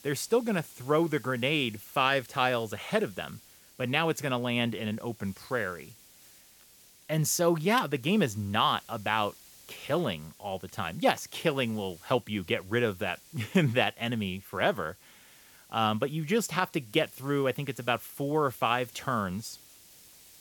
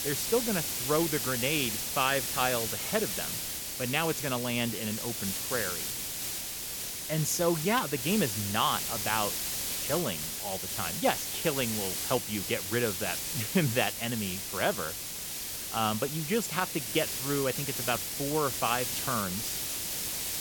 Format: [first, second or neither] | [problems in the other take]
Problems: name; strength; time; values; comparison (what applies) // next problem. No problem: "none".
first | hiss; loud; throughout; 1 dB below the speech; faint in the first